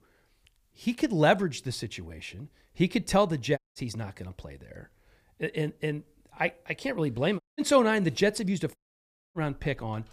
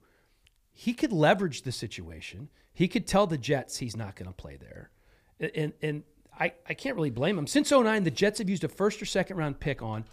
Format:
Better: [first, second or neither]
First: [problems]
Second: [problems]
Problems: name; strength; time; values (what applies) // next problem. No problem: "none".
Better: second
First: audio cutting out; at 3.5 s, at 7.5 s and at 9 s for 0.5 s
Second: none